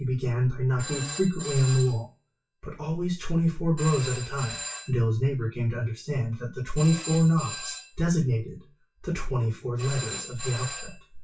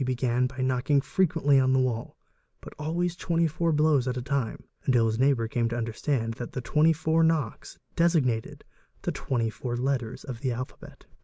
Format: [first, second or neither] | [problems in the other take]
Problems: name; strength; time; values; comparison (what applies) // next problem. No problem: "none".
second | noise reduction (classical method WPE with log-MMSE)